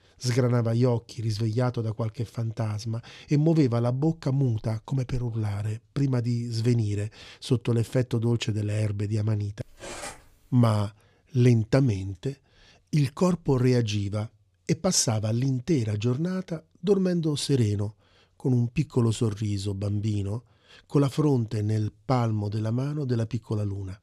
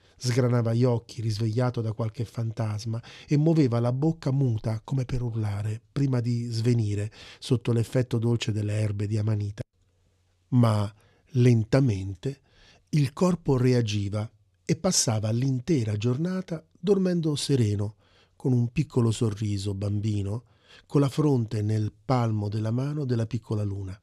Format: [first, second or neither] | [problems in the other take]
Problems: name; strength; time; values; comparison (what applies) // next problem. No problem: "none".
second | clattering dishes; faint; at 9.5 s; peak 10 dB below the speech